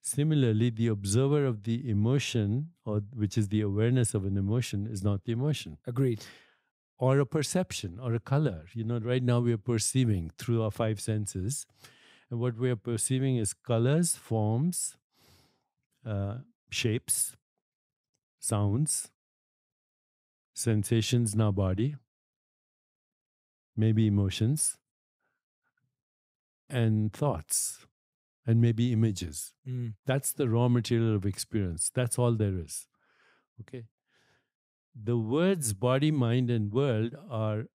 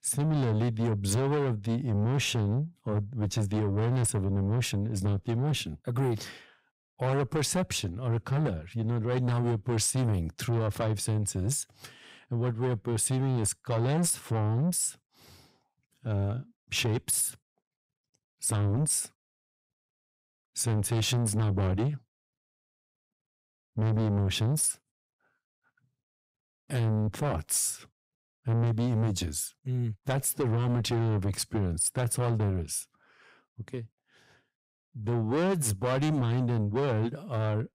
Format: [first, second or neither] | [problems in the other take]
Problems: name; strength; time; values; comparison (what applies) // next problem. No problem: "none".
first | distortion; heavy; 7 dB below the speech